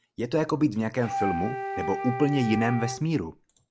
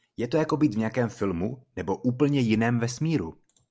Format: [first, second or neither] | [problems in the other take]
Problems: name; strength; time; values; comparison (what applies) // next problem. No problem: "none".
second | background sound (Wind instrument, woodwind instrument); 6 dB below the speech